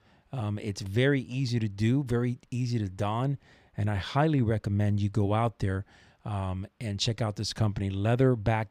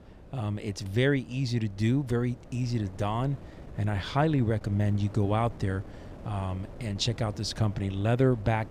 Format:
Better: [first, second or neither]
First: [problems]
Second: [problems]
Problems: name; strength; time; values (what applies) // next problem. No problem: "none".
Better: first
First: none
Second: wind noise on the microphone; occasional gusts; 20 dB below the speech